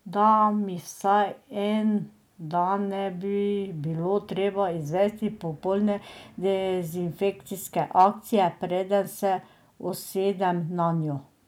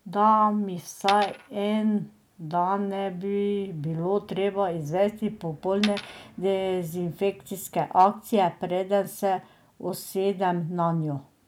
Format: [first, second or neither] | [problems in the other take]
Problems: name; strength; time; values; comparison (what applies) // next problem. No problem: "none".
first | background sound (Coin (dropping)); 13 dB below the speech